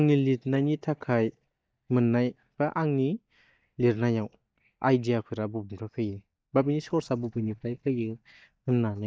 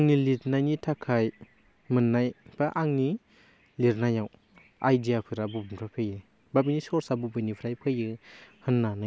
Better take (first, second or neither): second